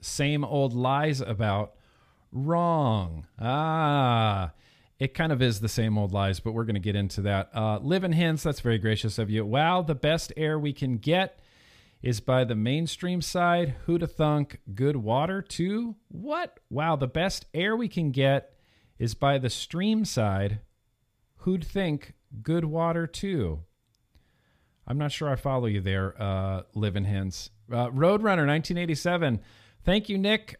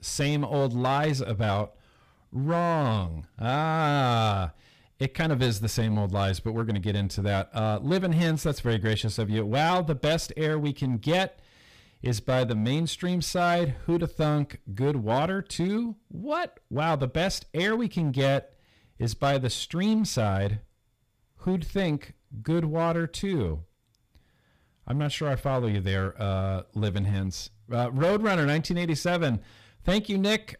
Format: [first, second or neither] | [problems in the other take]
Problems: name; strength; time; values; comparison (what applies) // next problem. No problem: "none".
first | distortion; slight; 7% of the sound clipped